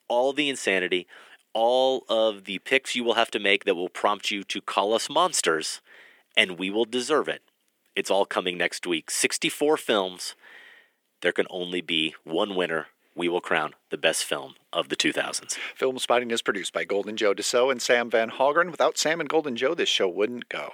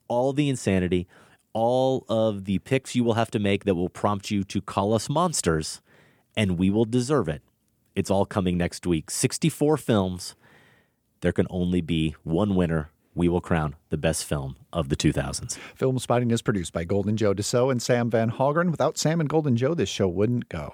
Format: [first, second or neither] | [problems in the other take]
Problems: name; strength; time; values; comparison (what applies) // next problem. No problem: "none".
second | thin; somewhat; fading below 350 Hz